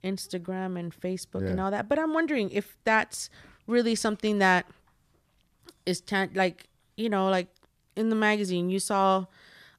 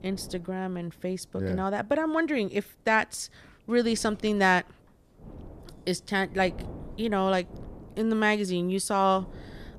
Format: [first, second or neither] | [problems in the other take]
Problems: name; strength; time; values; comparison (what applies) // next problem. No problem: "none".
first | wind noise on the microphone; occasional gusts; 25 dB below the speech